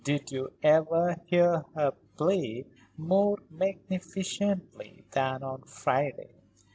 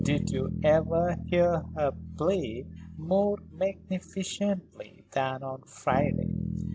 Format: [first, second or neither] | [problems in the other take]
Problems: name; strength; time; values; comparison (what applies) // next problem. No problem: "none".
first | background sound (Bass guitar); 6 dB below the speech